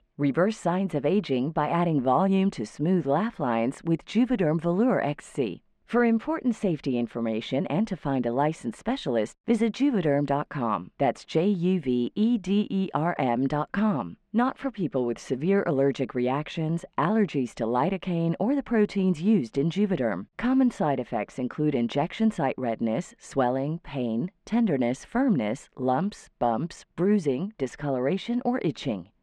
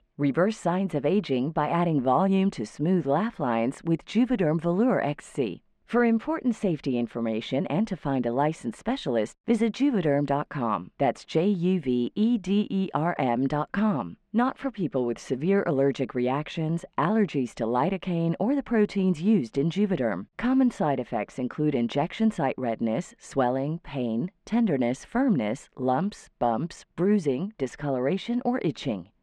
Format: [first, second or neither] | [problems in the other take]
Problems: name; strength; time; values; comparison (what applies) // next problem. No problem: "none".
neither | muffled; very; fading above 2 kHz; the same in both